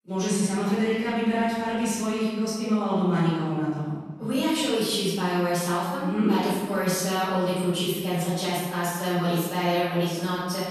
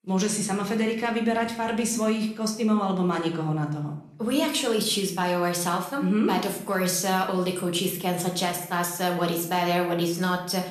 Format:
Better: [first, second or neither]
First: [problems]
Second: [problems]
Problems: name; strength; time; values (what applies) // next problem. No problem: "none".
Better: second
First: room echo; strong; dies away in 1.3 s // off-mic speech; far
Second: room echo; slight; dies away in 0.6 s // off-mic speech; somewhat distant